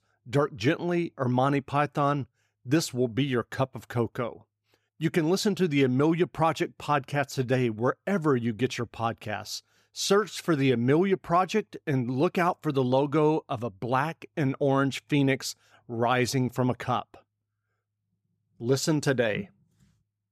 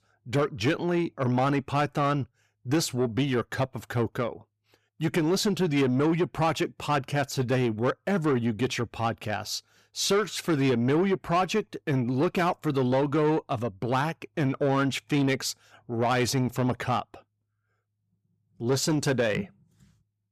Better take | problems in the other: first | distortion; slight; 10 dB below the speech

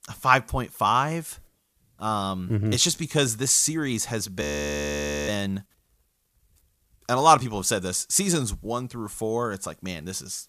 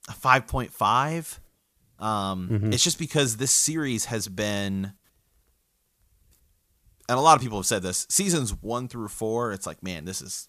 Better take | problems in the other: second | audio freezing; at 4.5 s for 1 s

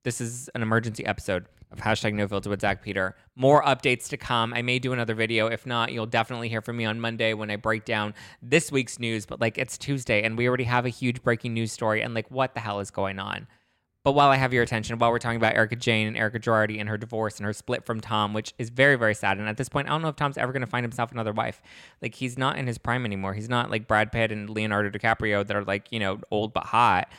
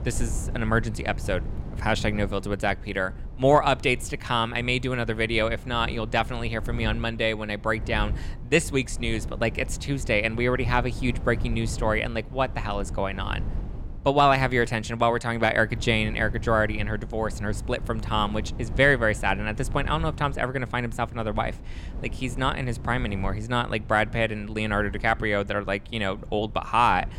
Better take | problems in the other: first | wind noise on the microphone; occasional gusts; 20 dB below the speech

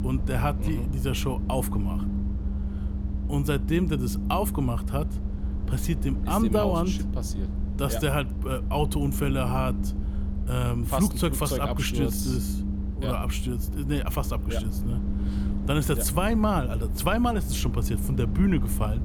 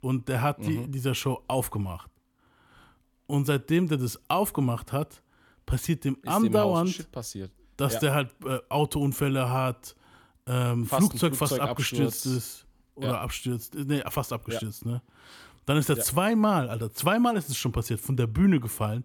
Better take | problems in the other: second | low rumble; noticeable; throughout; 10 dB below the speech

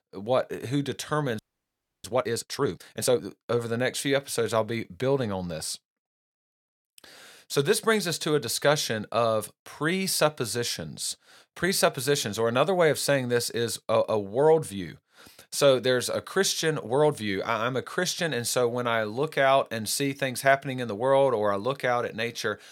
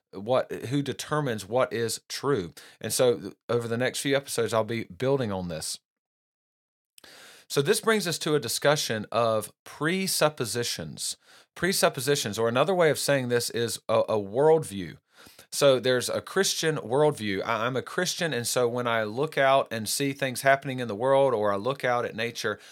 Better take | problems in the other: second | audio freezing; at 1.5 s for 0.5 s

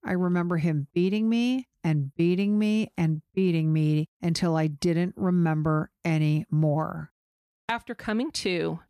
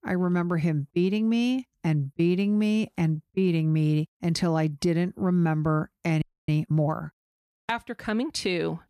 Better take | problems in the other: first | audio freezing; at 6 s

